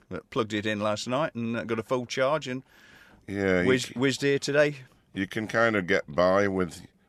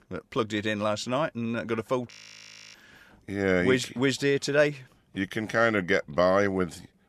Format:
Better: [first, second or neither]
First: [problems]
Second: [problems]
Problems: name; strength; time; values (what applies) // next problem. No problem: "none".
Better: first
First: none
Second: audio freezing; at 2 s for 0.5 s